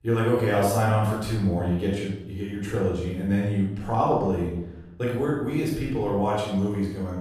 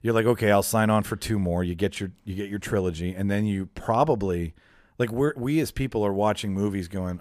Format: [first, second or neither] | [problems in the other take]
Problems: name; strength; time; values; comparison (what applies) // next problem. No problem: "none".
second | off-mic speech; far // room echo; noticeable; dies away in 0.8 s